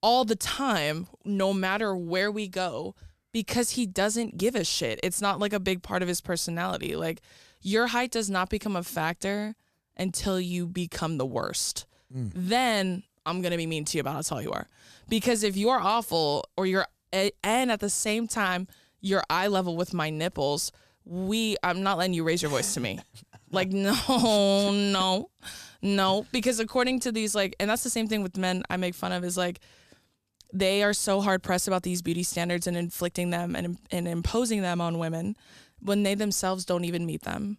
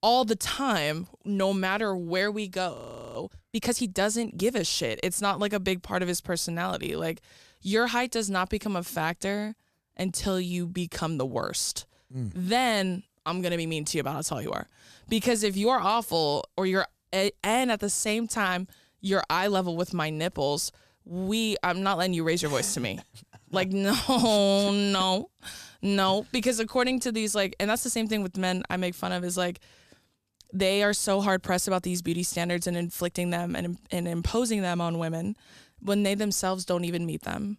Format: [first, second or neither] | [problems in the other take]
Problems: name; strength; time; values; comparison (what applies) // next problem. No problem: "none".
first | audio freezing; at 2.5 s